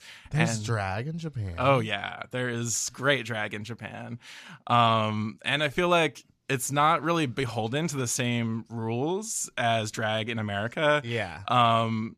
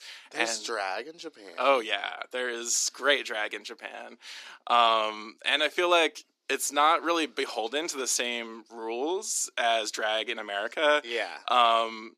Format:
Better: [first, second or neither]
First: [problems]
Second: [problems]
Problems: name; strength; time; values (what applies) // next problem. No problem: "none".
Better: first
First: none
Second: thin; very; fading below 300 Hz